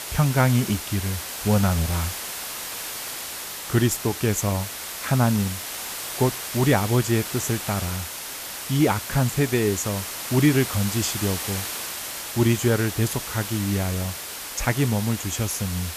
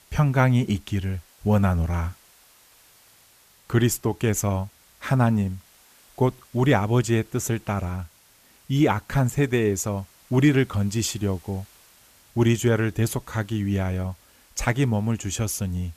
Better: second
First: hiss; loud; throughout; 6 dB below the speech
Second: hiss; faint; throughout; 30 dB below the speech

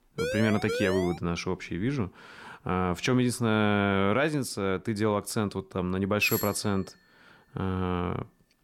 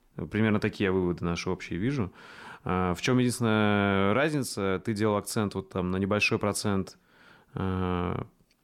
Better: second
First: siren; noticeable; at the start; peak 4 dB below the speech // doorbell; noticeable; at 6 s; peak 5 dB below the speech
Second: none

